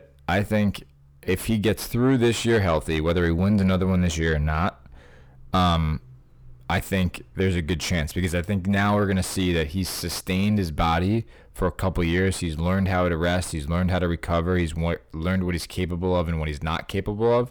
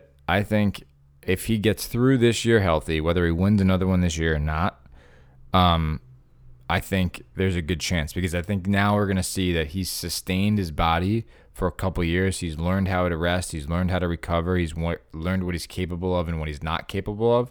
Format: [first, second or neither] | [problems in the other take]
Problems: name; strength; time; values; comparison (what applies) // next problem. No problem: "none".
second | distortion; slight; 10 dB below the speech